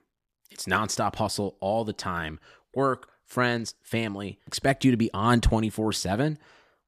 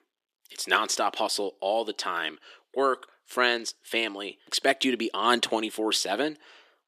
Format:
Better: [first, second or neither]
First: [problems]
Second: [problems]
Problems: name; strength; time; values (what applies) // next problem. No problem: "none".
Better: first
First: none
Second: thin; somewhat; fading below 350 Hz